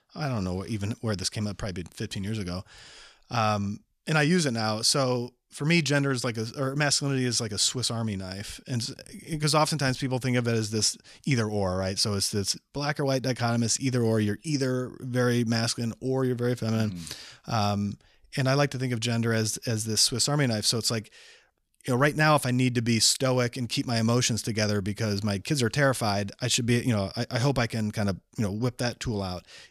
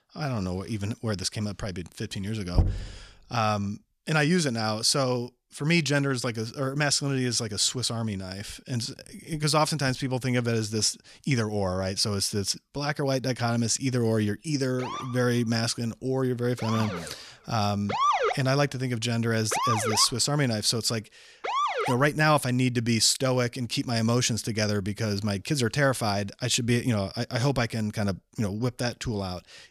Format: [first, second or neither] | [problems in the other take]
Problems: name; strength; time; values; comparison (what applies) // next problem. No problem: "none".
first | door banging; noticeable; at 2.5 s; peak 1 dB below the speech // siren; loud; from 15 to 22 s; peak 3 dB above the speech